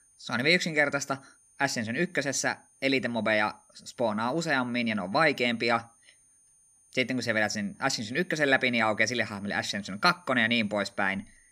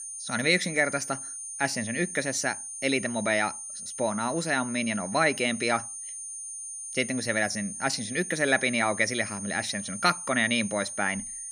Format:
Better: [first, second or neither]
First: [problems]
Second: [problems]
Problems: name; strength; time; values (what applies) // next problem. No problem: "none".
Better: first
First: high-pitched whine; faint; throughout; 9 kHz, 30 dB below the speech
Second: high-pitched whine; loud; throughout; 9 kHz, 8 dB below the speech